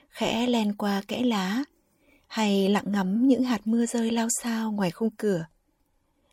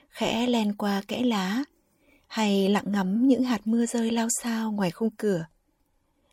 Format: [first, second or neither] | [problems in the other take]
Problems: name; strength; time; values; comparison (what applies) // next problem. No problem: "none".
neither | none